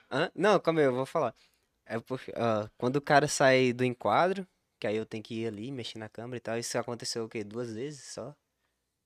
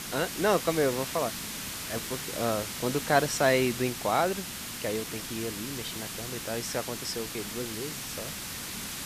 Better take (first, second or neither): first